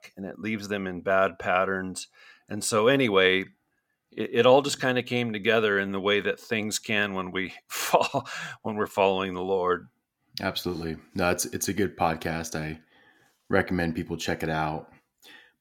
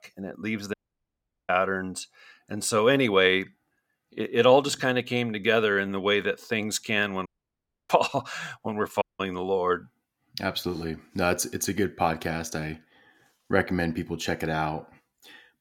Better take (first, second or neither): first